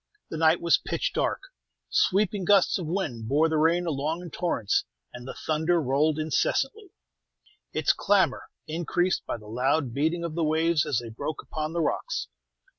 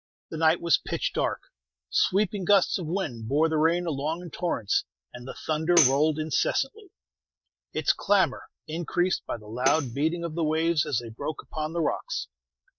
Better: first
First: none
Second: noise reduction (neural mask model DeepFilterNet 3)

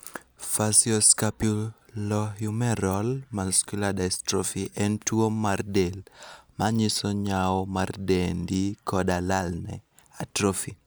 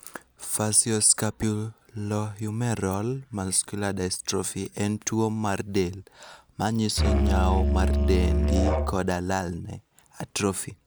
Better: first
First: none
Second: background sound (Musical instrument); 4 dB above the speech

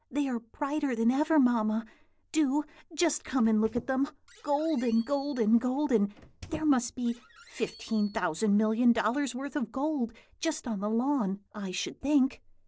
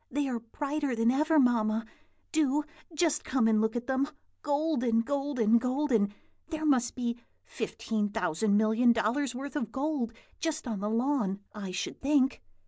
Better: second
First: noise reduction (neural separator model SepFormer DNS4)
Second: none

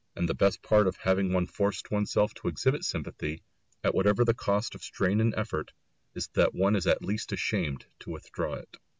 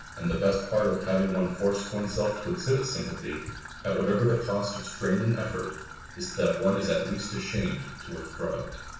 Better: first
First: none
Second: background sound (Trickle, dribble / Traffic noise, roadway noise); 13 dB below the speech // room echo; dies away in 0.7 s

